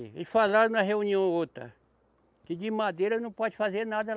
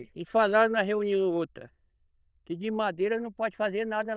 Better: first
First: none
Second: noise reduction (neural diffusion model UNIVERSE++)

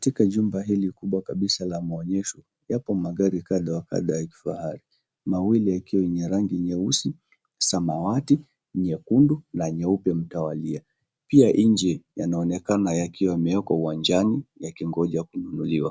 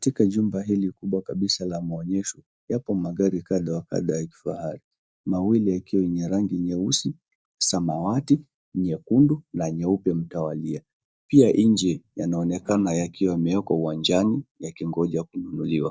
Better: first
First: none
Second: noise reduction (neural mask model DeepFilterNet 3)

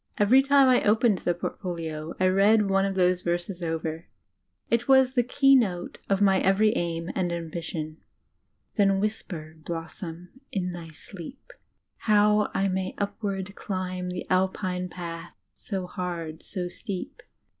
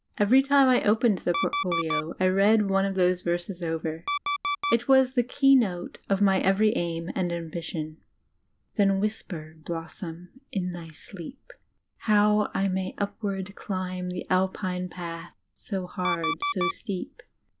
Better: first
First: none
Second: background sound (Alarm); 5 dB below the speech

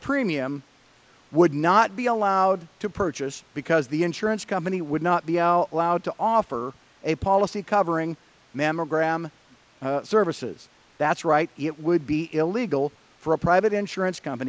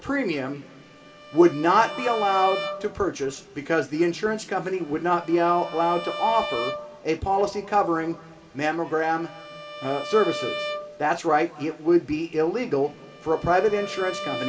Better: first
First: none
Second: background sound (Bowed string instrument); 12 dB below the speech // room echo; dies away in 2.4 s

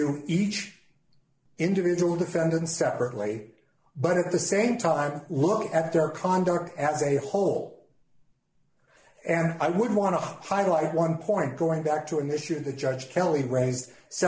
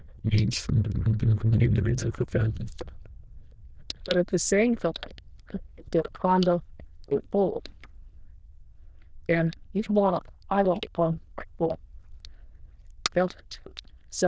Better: first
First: none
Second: noise reduction (neural diffusion model UNIVERSE++)

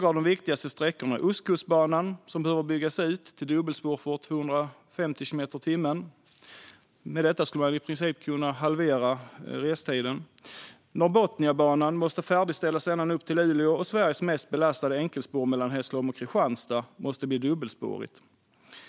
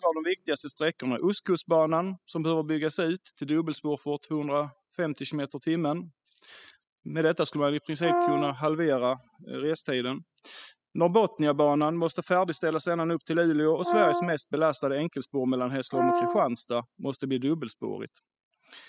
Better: first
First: none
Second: noise reduction (classical method spectral subtraction)

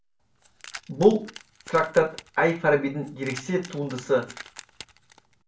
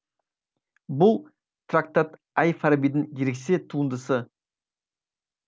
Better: second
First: background sound (Keys jangling); 19 dB below the speech // room echo; dies away in 0.3 s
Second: none

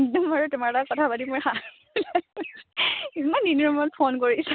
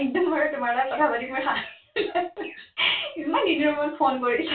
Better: first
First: none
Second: room echo; dies away in 0.3 s

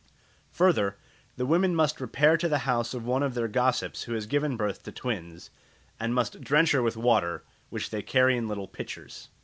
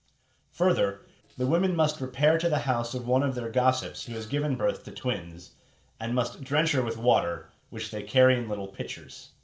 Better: first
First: none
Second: noise reduction (neural separator model SepFormer DNS4)

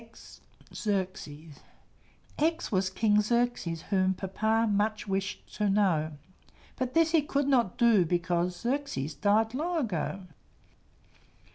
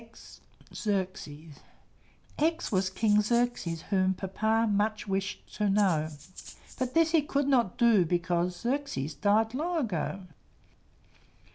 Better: first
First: none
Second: background sound (Rattle (instrument)); 18 dB below the speech

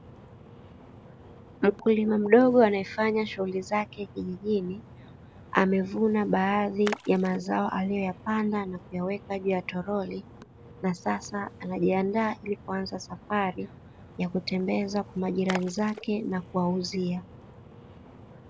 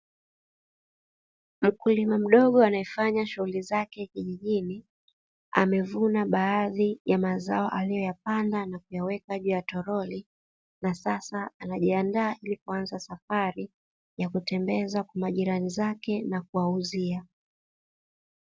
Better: second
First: background sound (Splash, splatter); 18 dB below the speech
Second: none

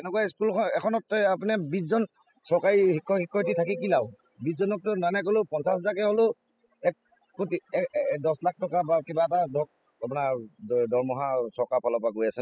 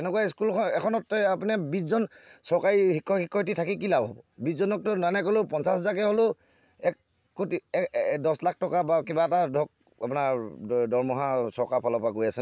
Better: second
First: noise reduction (classical method spectral subtraction)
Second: none

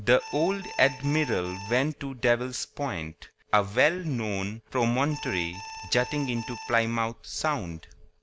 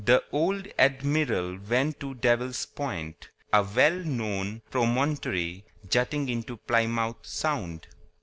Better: second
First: background sound (Alarm); 13 dB below the speech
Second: none

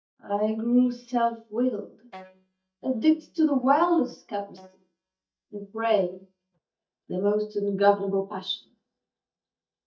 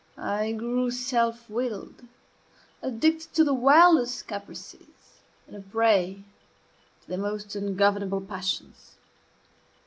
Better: second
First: noise reduction (neural mask model DeepFilterNet 3)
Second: none

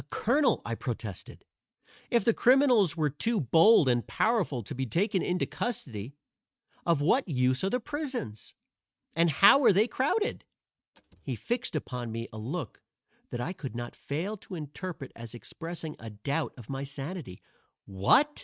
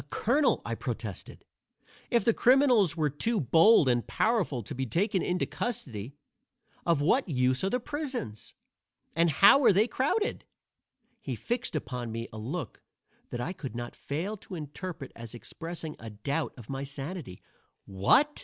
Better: second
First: noise reduction (neural mask model RNNoise)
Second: none

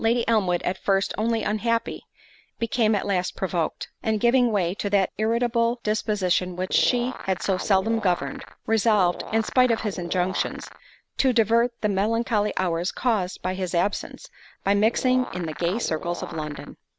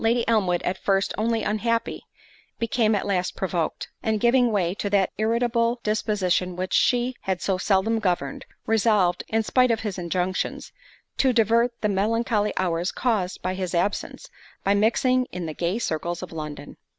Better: second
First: background sound (Animal); 13 dB below the speech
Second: none

